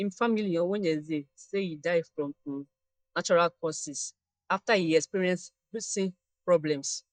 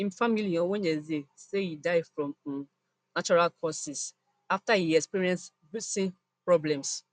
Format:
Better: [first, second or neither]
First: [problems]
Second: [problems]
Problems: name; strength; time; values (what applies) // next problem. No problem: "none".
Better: second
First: noise reduction (neural mask model DeepFilterNet 3)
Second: none